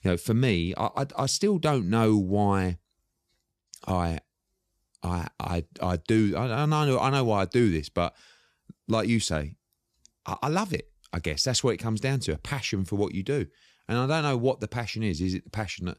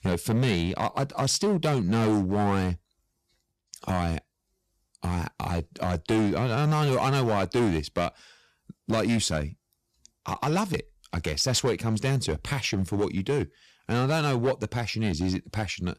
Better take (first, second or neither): first